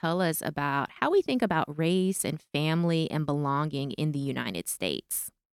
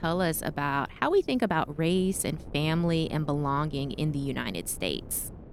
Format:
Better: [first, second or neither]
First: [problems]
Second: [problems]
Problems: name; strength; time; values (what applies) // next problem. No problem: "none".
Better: first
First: none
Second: wind noise on the microphone; occasional gusts; 20 dB below the speech